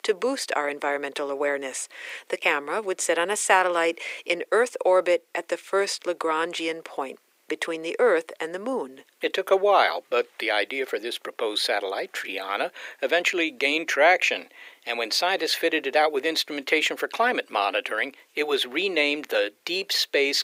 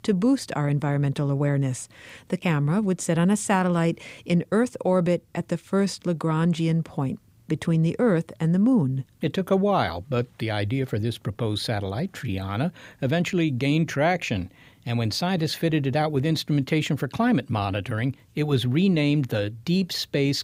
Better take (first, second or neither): second